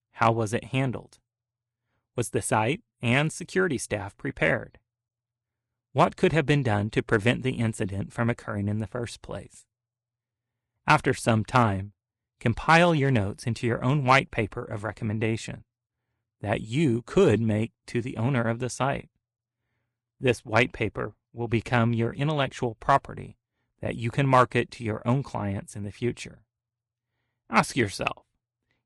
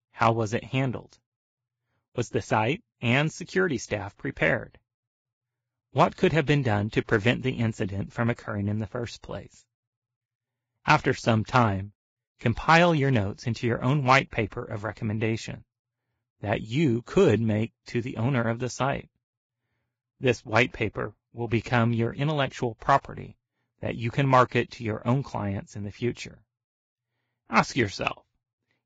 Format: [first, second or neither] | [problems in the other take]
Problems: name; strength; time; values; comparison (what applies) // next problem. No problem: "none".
first | garbled, watery; badly; nothing above 7.5 kHz; slightly in the first